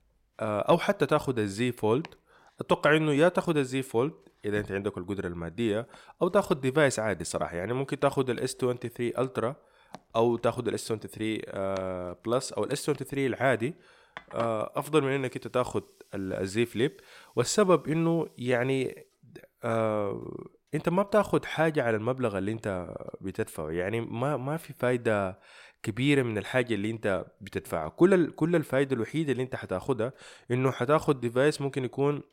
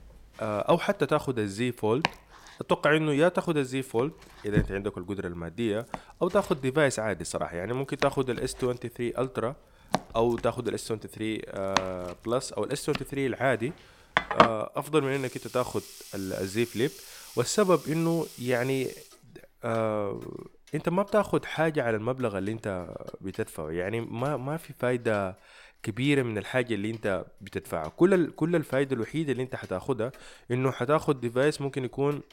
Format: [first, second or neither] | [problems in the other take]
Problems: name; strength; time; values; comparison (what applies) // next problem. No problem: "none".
first | household noises; loud; throughout; 4 dB below the speech; faint in the first